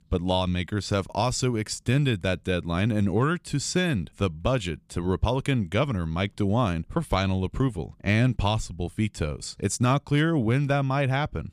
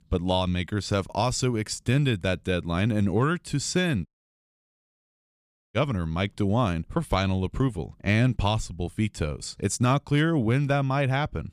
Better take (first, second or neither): first